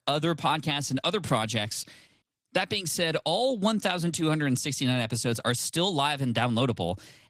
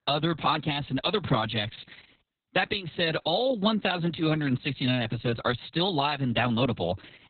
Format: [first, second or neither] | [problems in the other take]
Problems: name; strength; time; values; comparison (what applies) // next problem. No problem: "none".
first | garbled, watery; badly; nothing above 4 kHz; slightly in the first